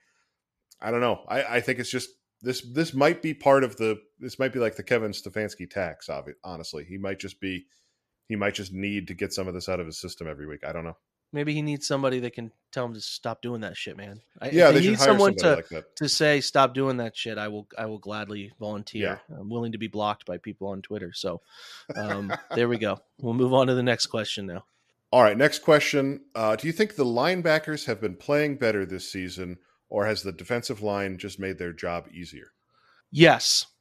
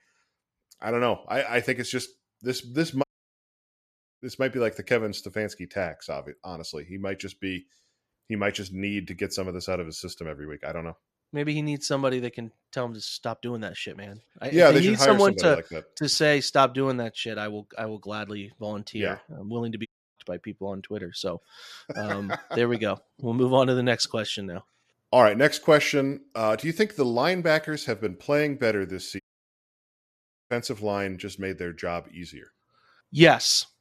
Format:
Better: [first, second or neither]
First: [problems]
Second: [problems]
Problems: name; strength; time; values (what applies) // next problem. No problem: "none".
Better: first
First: none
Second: audio cutting out; at 3 s for 1 s, at 20 s and at 29 s for 1.5 s